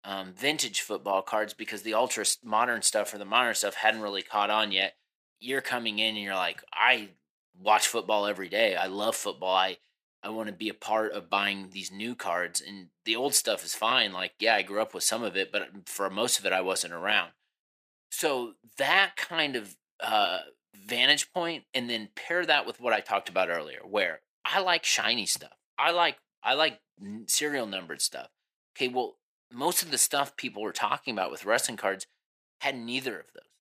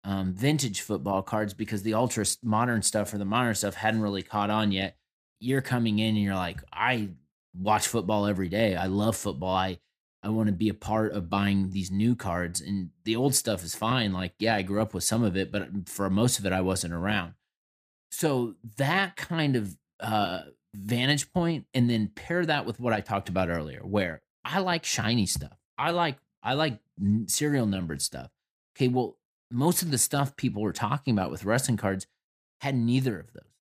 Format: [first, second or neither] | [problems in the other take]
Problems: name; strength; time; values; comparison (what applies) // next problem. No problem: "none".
second | thin; very; fading below 550 Hz